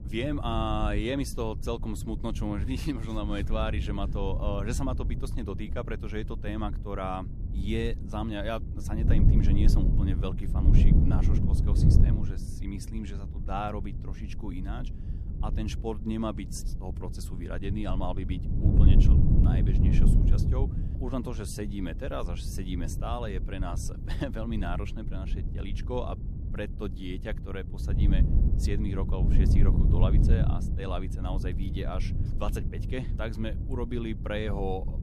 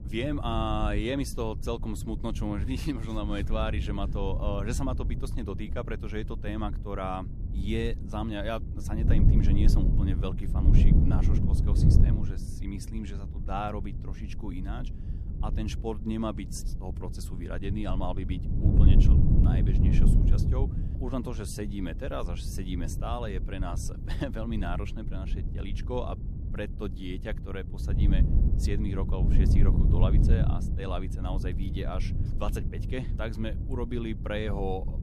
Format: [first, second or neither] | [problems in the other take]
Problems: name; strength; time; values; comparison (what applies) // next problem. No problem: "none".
neither | wind noise on the microphone; heavy; 5 dB below the speech; the same in both